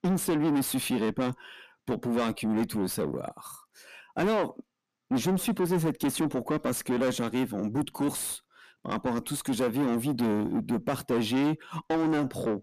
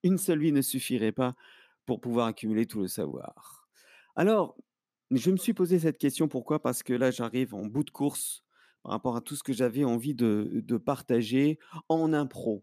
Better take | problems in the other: second | distortion; heavy; 7 dB below the speech

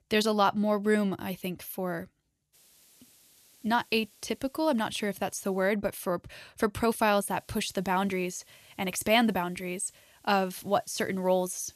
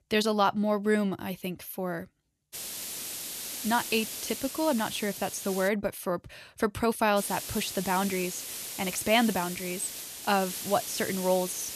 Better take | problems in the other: first | hiss; loud; from 2.5 to 5.5 s and from 7 s on; 7 dB below the speech; faint in the first

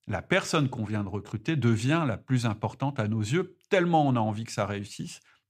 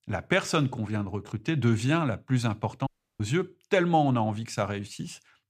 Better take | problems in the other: first | audio cutting out; at 3 s

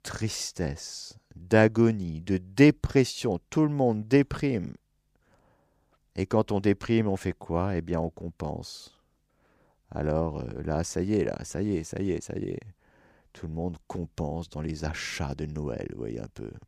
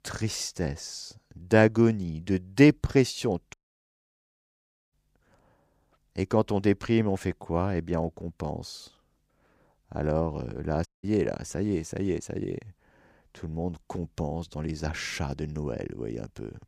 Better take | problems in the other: first | audio cutting out; at 3.5 s for 1.5 s and at 11 s

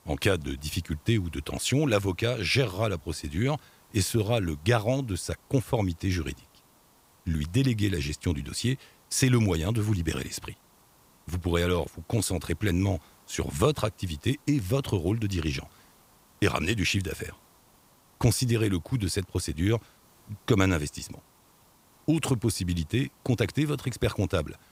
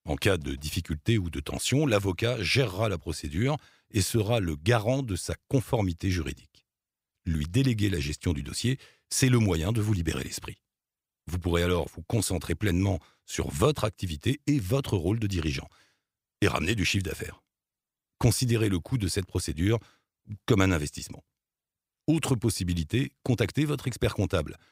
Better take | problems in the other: second | hiss; faint; throughout; 30 dB below the speech

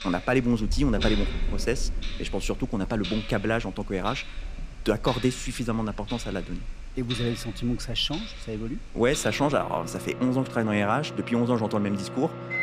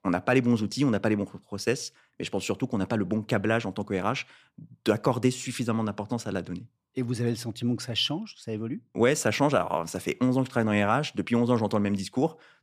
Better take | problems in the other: second | household noises; loud; throughout; 9 dB below the speech

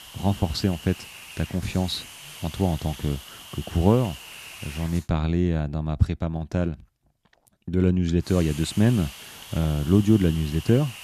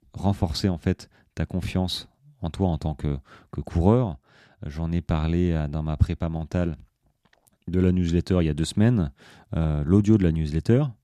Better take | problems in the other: second | hiss; noticeable; until 5 s and from 8 s on; 15 dB below the speech

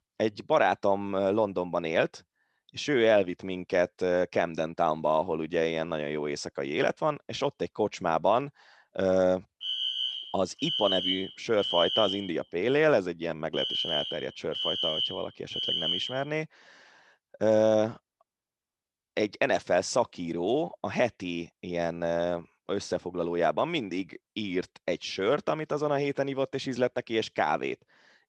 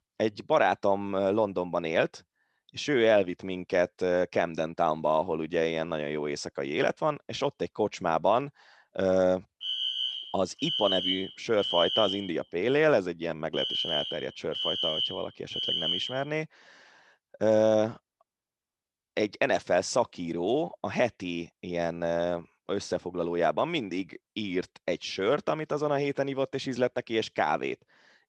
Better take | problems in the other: neither | alarm; loud; from 9.5 to 16 s; peak 2 dB above the speech; the same in both

